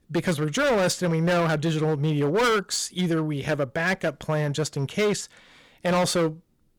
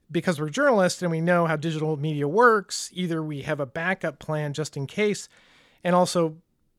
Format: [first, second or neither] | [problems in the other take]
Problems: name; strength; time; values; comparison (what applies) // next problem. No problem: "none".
second | distortion; heavy; 15% of the sound clipped